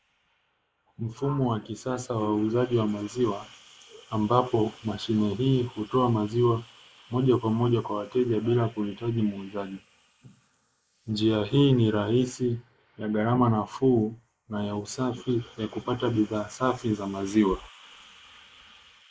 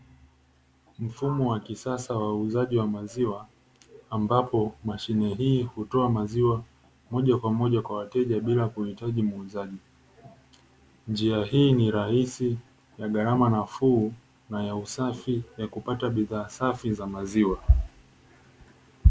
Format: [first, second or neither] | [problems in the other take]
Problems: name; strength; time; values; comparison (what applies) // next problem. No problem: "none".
second | noise reduction (neural mask model Resemble Enhance denoiser)